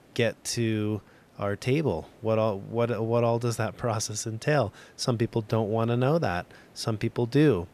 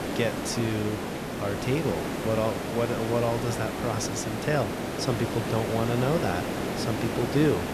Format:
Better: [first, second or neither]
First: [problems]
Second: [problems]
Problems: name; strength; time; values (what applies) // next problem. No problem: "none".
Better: first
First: hiss; faint; throughout; 30 dB below the speech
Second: hiss; loud; throughout; 2 dB below the speech